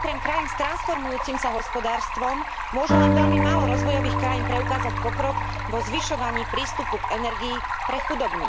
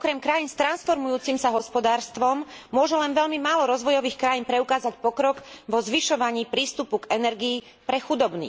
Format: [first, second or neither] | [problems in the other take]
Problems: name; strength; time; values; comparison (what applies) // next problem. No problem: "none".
second | background sound (Stream + Acoustic guitar); 4 dB above the speech